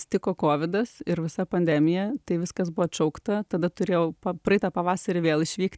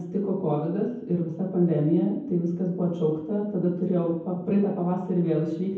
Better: first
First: none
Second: room echo; dies away in 0.9 s

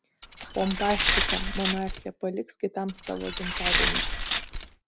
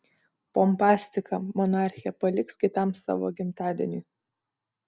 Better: second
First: background sound (Glass); 3 dB above the speech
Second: none

